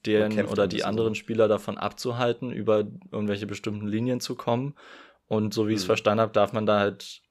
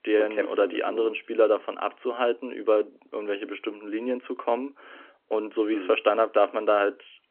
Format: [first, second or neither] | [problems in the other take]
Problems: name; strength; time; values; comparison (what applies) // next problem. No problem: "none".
first | phone-call audio